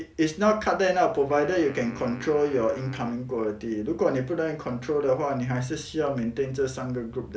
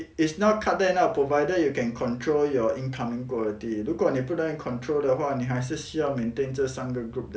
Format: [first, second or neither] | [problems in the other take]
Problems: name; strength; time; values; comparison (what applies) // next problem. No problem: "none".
second | background sound (Wind instrument, woodwind instrument); 19 dB below the speech